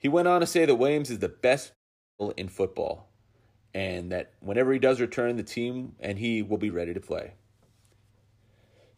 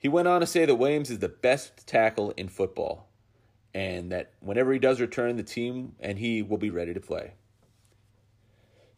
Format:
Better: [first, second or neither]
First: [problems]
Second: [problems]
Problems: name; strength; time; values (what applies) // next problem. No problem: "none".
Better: second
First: audio cutting out; at 2 s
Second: none